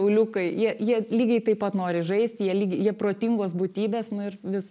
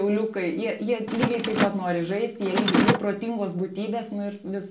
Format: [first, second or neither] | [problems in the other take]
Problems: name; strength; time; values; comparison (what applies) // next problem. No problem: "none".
first | background sound (Mechanisms); 2 dB below the speech // room echo; dies away in 0.3 s